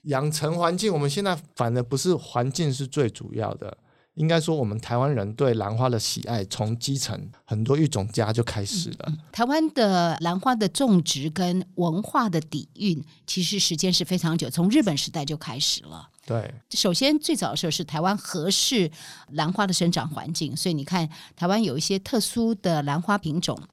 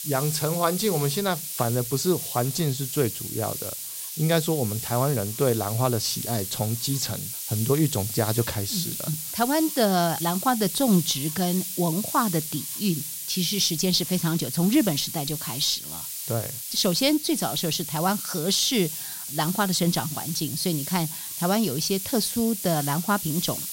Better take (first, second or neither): first